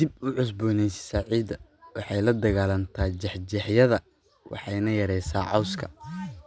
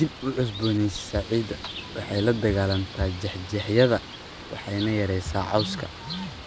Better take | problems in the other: first | background sound (Bird); 12 dB below the speech

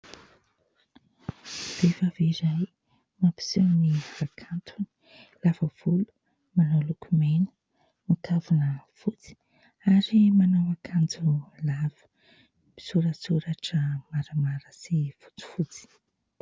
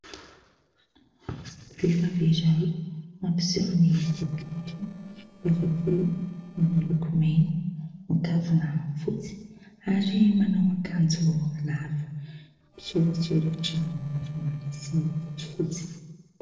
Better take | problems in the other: first | noise reduction (neural separator model SepFormer DNS4)

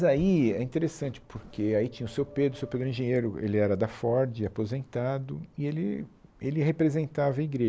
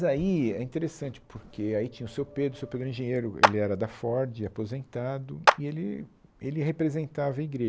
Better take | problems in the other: first | background sound (Clapping); 1 dB above the speech

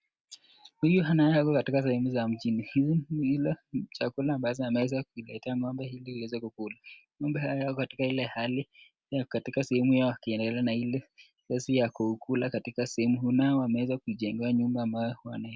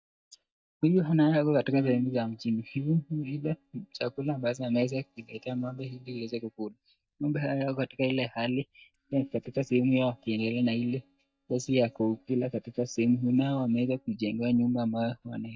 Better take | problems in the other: first | noise reduction (neural mask model DeepFilterNet 3)

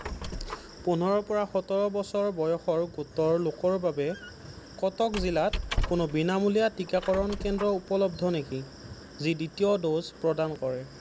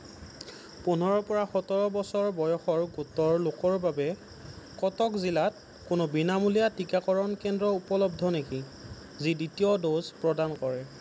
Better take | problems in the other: second | background sound (Squeak); 11 dB below the speech

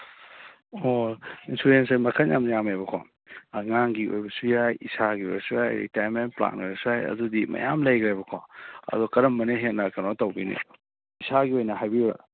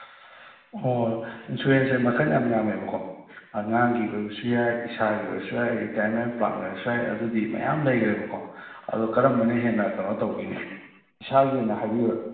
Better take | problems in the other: first | room echo; dies away in 1 s

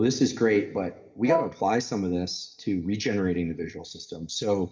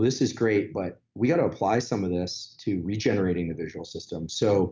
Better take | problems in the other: second | noise reduction (neural mask model DeepFilterNet 3)

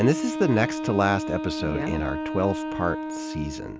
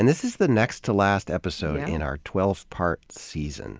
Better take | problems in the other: second | background sound (Wind instrument, woodwind instrument); 5 dB below the speech

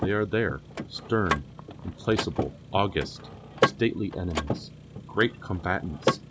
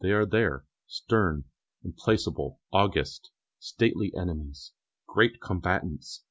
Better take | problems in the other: second | background sound (Mechanisms / Car); 3 dB below the speech

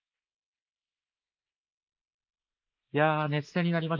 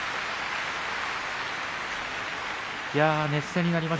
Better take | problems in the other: second | noise reduction (neural mask model Resemble Enhance denoiser)

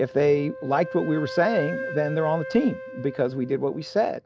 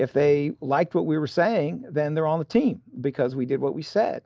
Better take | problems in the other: second | background sound (Wind instrument, woodwind instrument); 11 dB below the speech

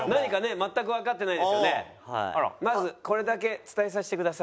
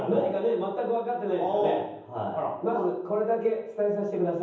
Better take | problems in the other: first | room echo; dies away in 0.9 s

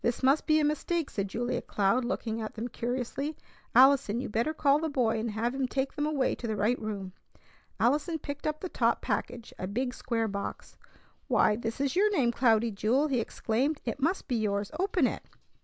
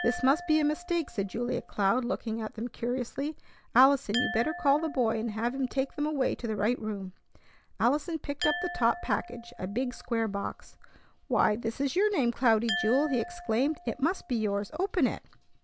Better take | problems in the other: first | background sound (Glass); 13 dB below the speech

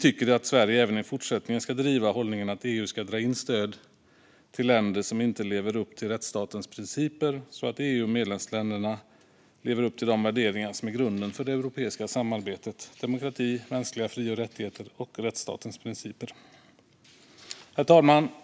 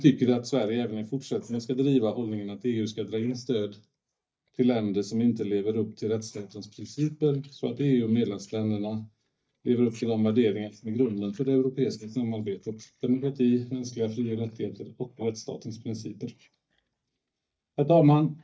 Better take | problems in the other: first | noise reduction (neural mask model DeepFilterNet 3)

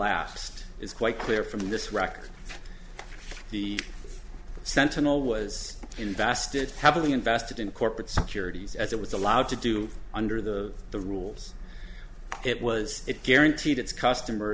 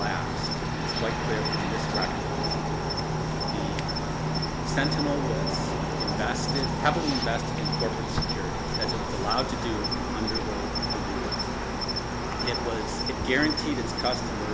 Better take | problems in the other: first | background sound (Cricket); 4 dB above the speech

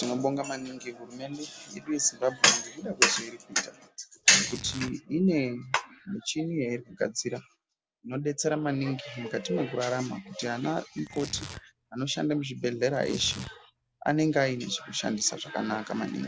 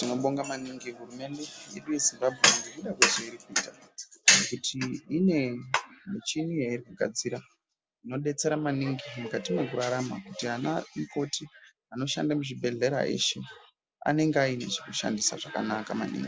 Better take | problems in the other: second | background sound (Tearing); 17 dB below the speech

